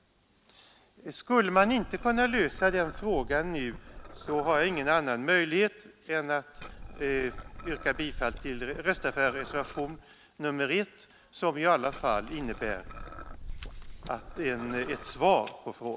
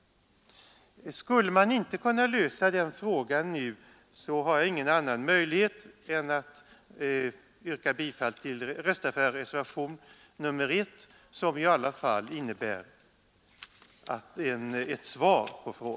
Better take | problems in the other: second | background sound (Liquid); 12 dB below the speech

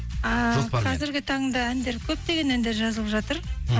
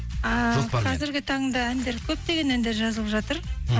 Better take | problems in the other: first | background sound (Camera); 19 dB below the speech

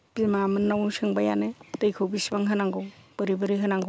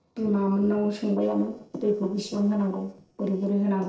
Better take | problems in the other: first | noise reduction (neural separator model SepFormer DNS4)

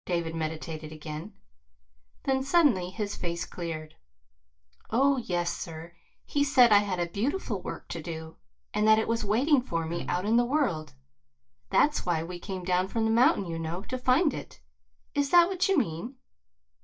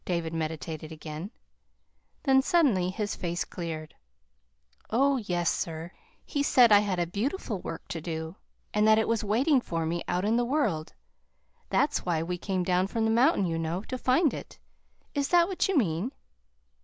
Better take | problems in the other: second | noise reduction (neural mask model DeepFilterNet 3)

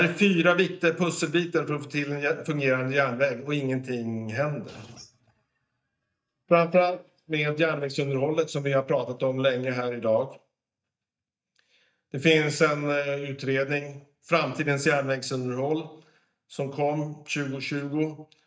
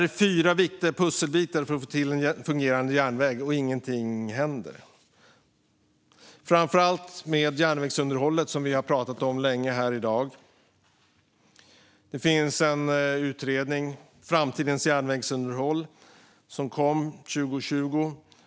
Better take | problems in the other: second | noise reduction (neural mask model DeepFilterNet 3)

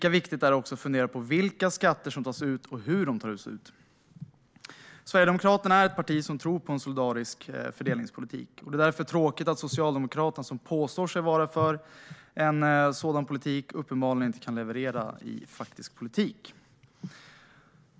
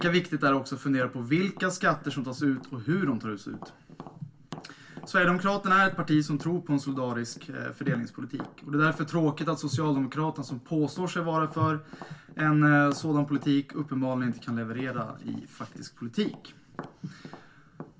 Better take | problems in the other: first | background sound (Tap); 20 dB below the speech // room echo; dies away in 0.2 s

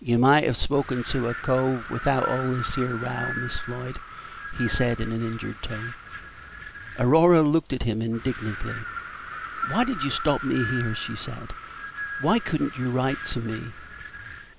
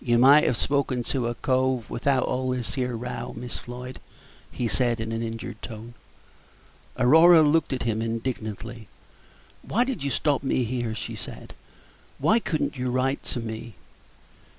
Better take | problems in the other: second | background sound (Wind); 10 dB below the speech

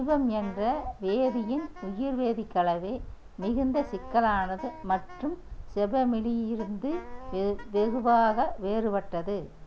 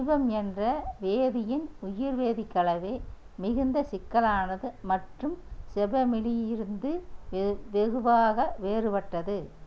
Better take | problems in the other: second | background sound (Wind instrument, woodwind instrument); 18 dB below the speech

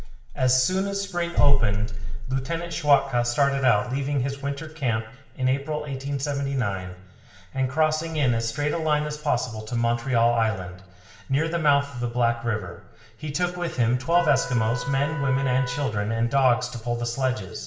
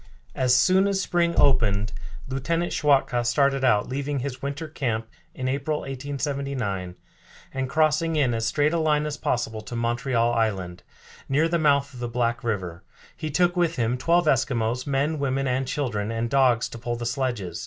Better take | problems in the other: second | background sound (Trumpet); 13 dB below the speech // room echo; dies away in 1.5 s

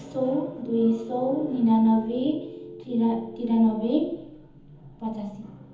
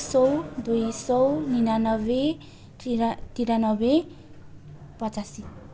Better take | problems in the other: second | background sound (Telephone); 16 dB below the speech // room echo; dies away in 1.3 s

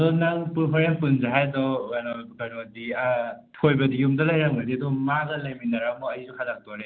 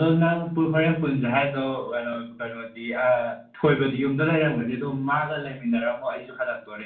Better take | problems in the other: first | room echo; dies away in 0.3 s

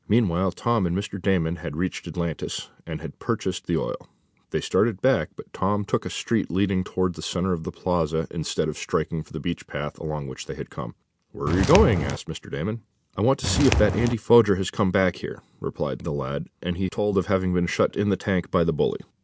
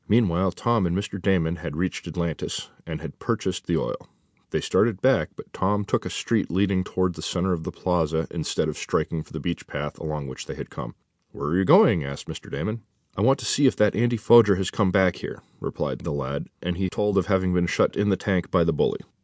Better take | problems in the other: second | background sound (Walk, footsteps); as loud as the speech

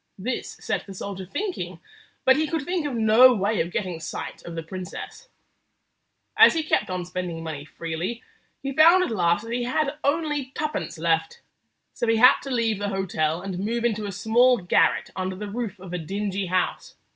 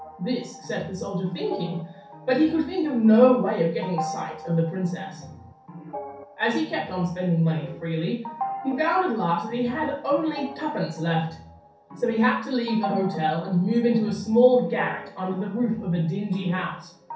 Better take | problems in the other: first | background sound (Organ); 14 dB below the speech // room echo; dies away in 0.6 s

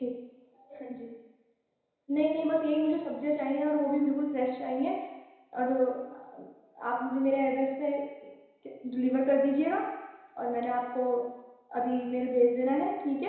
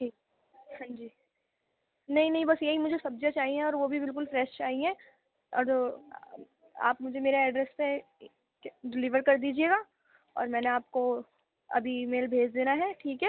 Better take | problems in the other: second | room echo; dies away in 1 s

